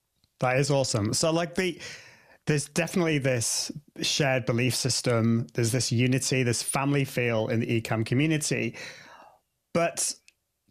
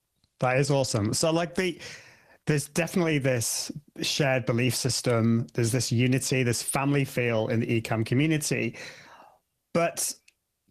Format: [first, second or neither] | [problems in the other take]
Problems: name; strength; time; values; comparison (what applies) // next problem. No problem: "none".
first | garbled, watery; slightly; nothing above 12 kHz